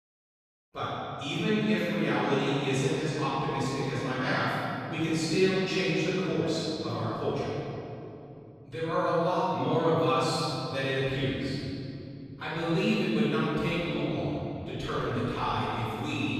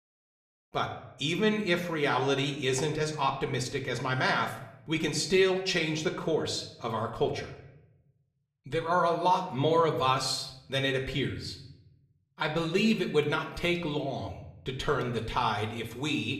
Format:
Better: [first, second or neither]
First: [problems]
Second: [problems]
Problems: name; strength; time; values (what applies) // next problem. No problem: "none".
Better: second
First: room echo; strong; dies away in 2.9 s // off-mic speech; far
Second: room echo; slight; dies away in 0.6 s // off-mic speech; somewhat distant